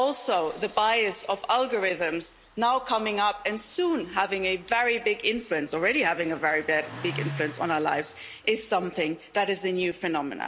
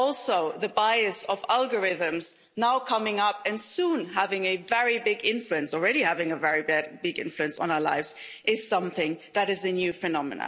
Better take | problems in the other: second | background sound (Engine starting); 18 dB below the speech

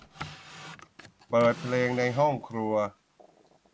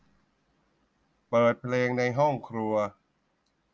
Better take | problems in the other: second | background sound (Drawer open or close); 17 dB below the speech

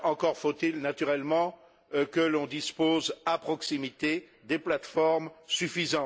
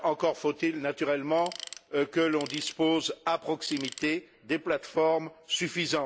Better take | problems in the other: first | background sound (Tools); 15 dB below the speech

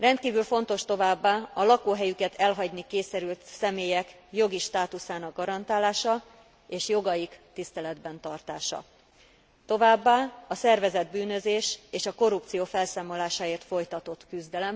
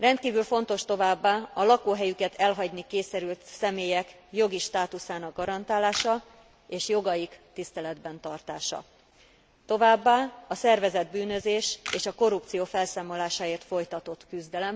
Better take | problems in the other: first | background sound (Camera); 14 dB below the speech

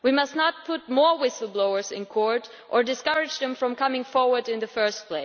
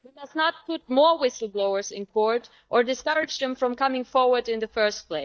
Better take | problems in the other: first | noise reduction (neural mask model DeepFilterNet 3)

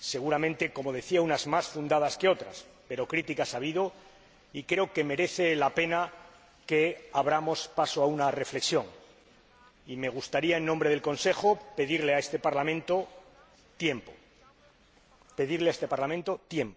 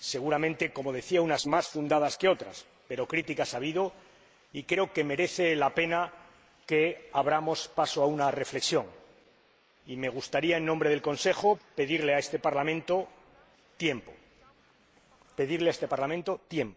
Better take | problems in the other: first | noise reduction (neural mask model Resemble Enhance denoiser)

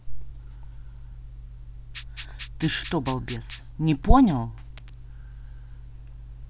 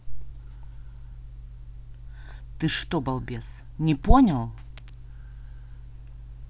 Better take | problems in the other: second | background sound (Rattle (instrument)); 17 dB below the speech

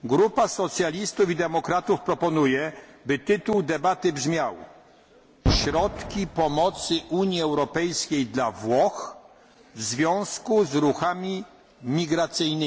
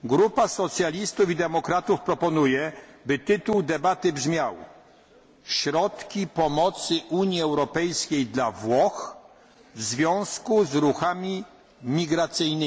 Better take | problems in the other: second | background sound (Boom); 8 dB below the speech

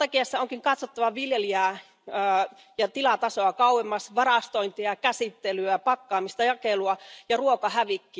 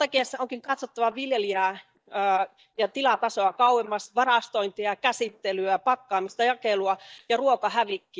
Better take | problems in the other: first | noise reduction (neural mask model DeepFilterNet 3)

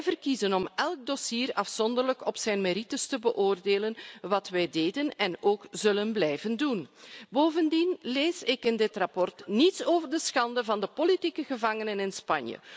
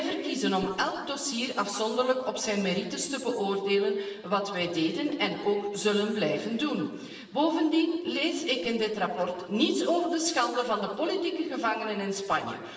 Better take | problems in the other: first | room echo; dies away in 1.3 s

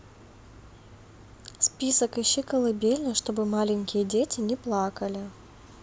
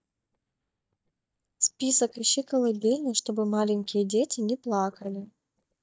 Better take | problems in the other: first | noise reduction (neural mask model DeepFilterNet 3)

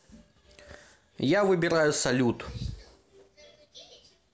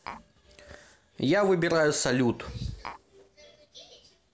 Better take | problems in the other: first | background sound (Tap); 14 dB below the speech

